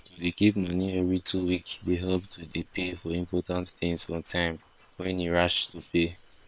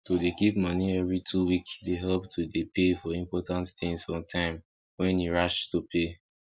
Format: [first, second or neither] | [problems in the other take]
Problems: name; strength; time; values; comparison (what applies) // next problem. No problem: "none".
second | noise reduction (neural separator model SepFormer WHAM!)